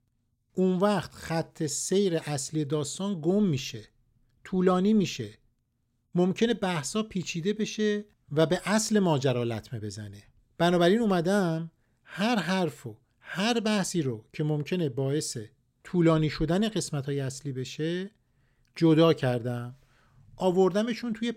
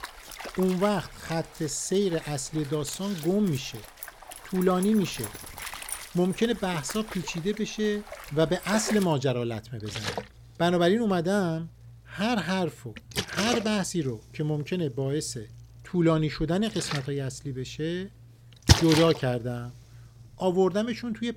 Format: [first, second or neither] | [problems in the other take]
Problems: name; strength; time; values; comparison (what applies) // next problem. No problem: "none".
first | rain or running water; loud; throughout; 6 dB below the speech